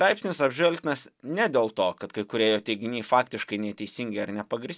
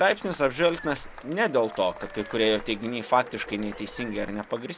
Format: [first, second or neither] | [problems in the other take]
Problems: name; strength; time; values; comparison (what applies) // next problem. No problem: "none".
first | background sound (Meow + Applause / Crowd / Cheering); 15 dB below the speech